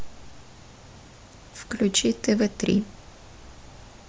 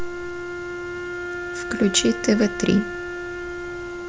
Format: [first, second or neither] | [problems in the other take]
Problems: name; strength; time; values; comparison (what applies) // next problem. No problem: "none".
first | background sound (Wind instrument, woodwind instrument); 6 dB below the speech